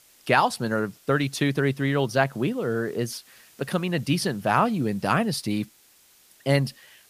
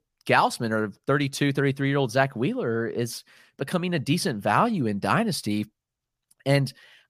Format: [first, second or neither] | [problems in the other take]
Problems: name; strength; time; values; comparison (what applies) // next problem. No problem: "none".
second | hiss; faint; throughout; 30 dB below the speech